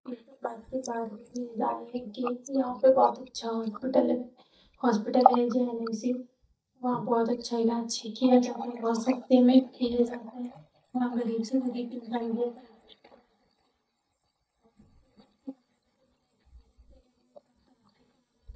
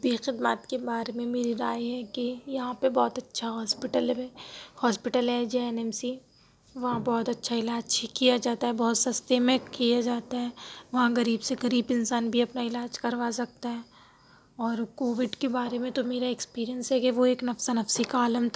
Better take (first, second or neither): second